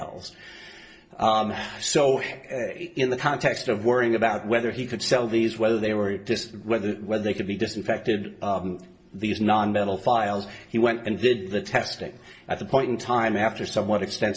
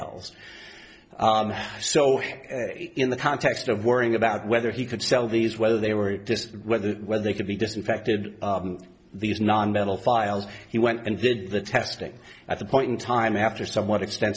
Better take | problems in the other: second | room echo; dies away in 0.2 s

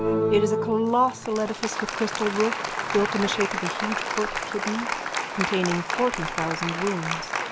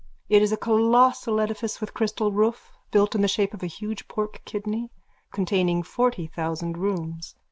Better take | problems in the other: second | background sound (Applause); 2 dB below the speech

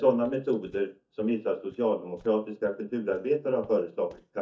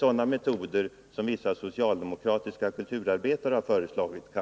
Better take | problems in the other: second | noise reduction (neural mask model DeepFilterNet 3)

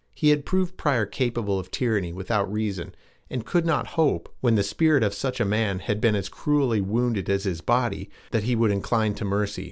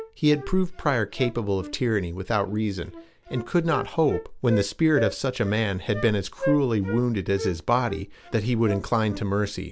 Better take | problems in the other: first | background sound (Wind instrument, woodwind instrument); 13 dB below the speech

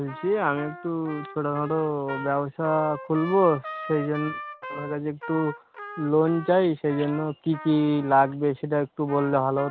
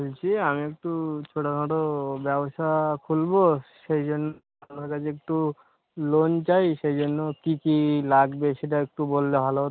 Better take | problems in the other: second | background sound (Trumpet); 15 dB below the speech

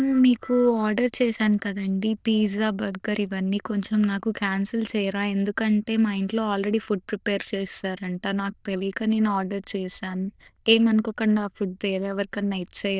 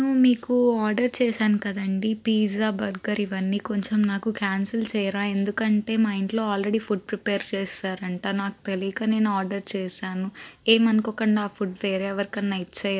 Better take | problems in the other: second | noise reduction (neural diffusion model UNIVERSE++)

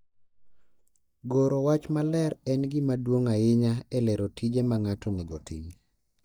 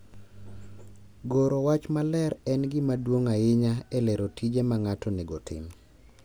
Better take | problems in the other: second | noise reduction (neural mask model DeepFilterNet 3)

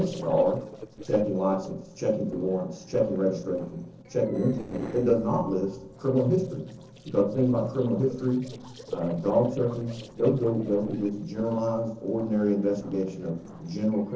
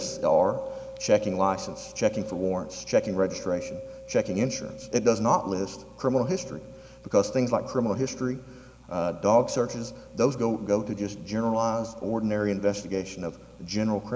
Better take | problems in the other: second | noise reduction (neural separator model SepFormer DNS4)

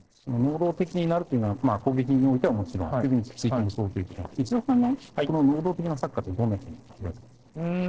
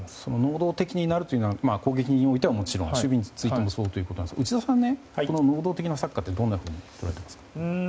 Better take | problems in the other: second | noise reduction (neural separator model SepFormer DNS4)

